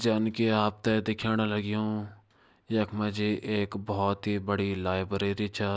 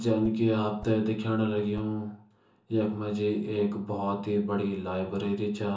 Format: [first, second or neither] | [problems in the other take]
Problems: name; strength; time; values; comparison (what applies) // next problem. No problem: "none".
first | background sound (Whoosh, swoosh, swish); 18 dB below the speech // room echo; dies away in 0.8 s